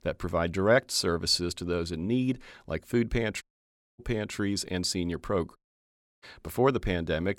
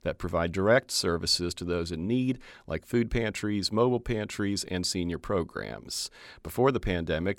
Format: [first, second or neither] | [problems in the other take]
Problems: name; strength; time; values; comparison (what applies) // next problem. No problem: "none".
second | audio cutting out; at 3.5 s for 0.5 s and at 5.5 s for 0.5 s